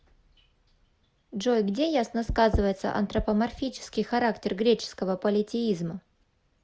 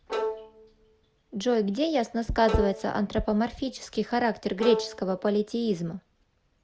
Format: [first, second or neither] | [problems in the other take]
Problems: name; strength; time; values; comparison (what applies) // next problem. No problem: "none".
first | background sound (Bowed string instrument); 9 dB below the speech